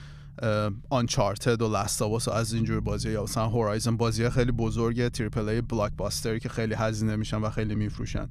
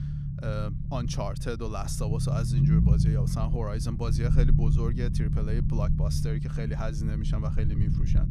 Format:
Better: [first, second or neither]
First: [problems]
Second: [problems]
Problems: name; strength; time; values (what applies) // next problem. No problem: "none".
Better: first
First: low rumble; faint; throughout; 25 dB below the speech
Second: low rumble; loud; throughout; 1 dB below the speech